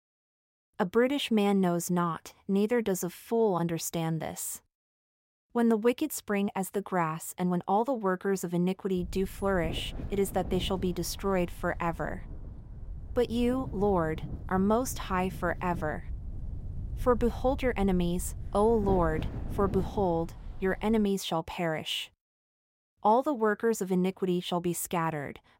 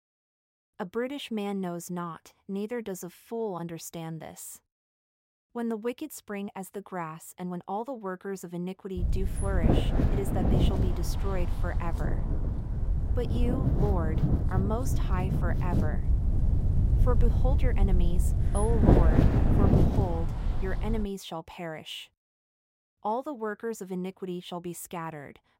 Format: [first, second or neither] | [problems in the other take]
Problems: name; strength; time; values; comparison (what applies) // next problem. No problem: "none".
first | wind noise on the microphone; heavy; from 9 to 21 s; as loud as the speech; occasional gusts in the first